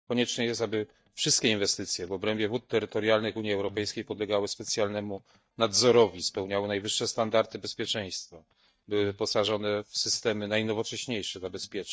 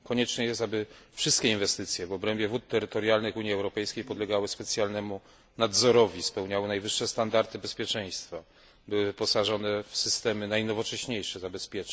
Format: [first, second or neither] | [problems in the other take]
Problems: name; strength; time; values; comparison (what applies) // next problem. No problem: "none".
second | noise reduction (neural mask model DeepFilterNet 3)